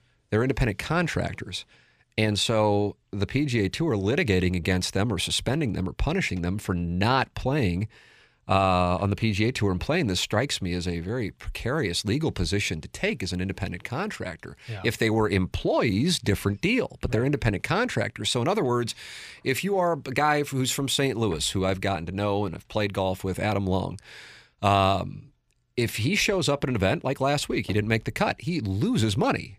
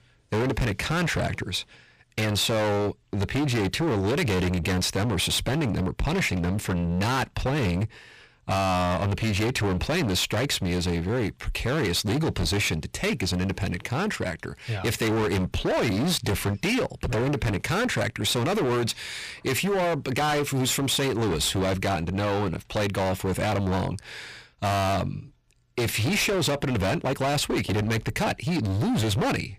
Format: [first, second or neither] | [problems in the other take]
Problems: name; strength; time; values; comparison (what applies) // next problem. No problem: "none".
first | distortion; heavy; 29% of the sound clipped